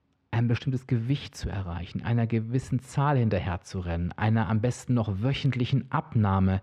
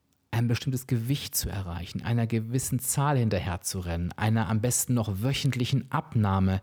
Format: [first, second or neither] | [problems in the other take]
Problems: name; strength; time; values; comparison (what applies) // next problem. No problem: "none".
second | muffled; slightly; fading above 3 kHz